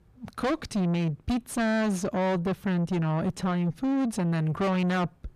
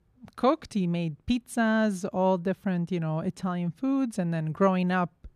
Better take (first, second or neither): second